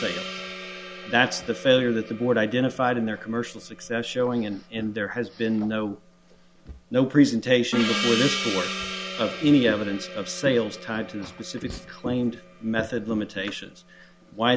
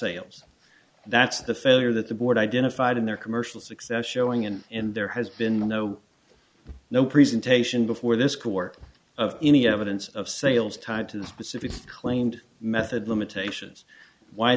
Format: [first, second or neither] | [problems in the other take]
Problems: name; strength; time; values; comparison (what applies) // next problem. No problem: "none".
second | background sound (Gong); 11 dB below the speech